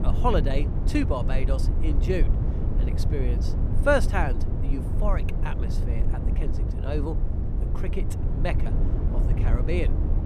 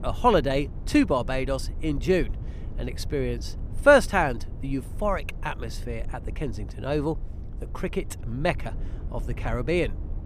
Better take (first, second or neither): second